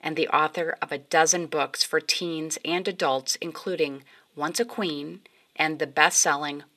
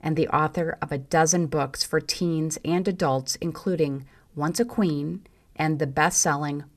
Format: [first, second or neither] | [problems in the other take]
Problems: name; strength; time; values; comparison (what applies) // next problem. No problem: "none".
second | thin; somewhat; fading below 350 Hz